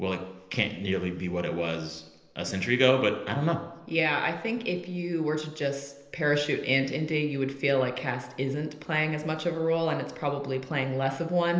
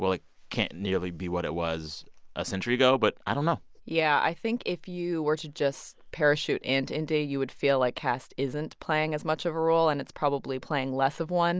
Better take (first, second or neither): second